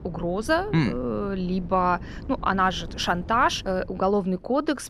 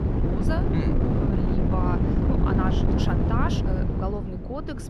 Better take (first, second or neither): first